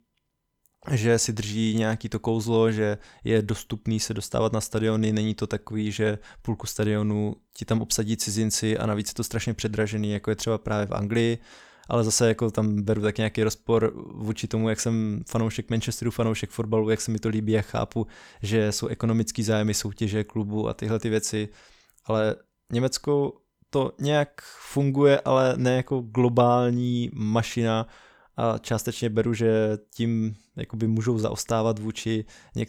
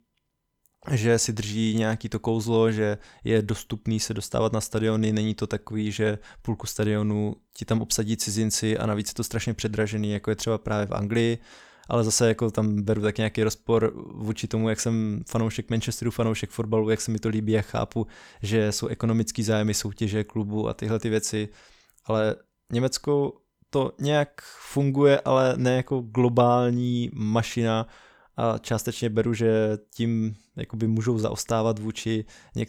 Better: neither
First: none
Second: none

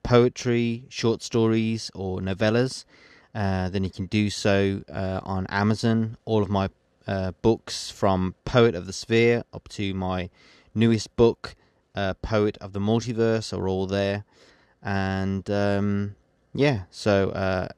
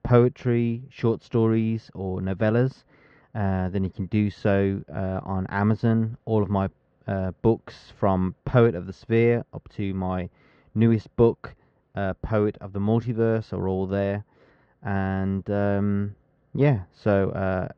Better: first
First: none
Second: muffled; very; fading above 2 kHz

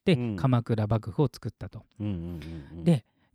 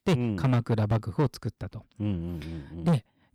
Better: first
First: none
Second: distortion; slight; 7% of the sound clipped

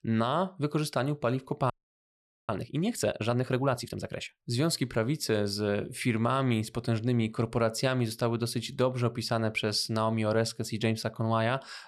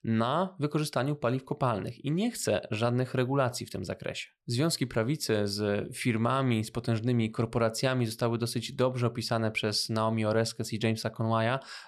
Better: second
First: audio freezing; at 1.5 s for 1 s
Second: none

